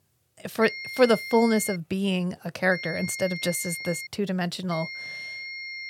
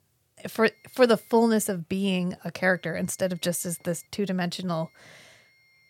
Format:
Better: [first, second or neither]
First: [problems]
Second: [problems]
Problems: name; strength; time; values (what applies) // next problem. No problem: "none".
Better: second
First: high-pitched whine; loud; from 0.5 to 2 s, from 2.5 to 4 s and from 4.5 s on; 2 kHz, 9 dB below the speech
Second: high-pitched whine; faint; from 0.5 to 2 s, from 2.5 to 4 s and from 4.5 s on; 2 kHz, 35 dB below the speech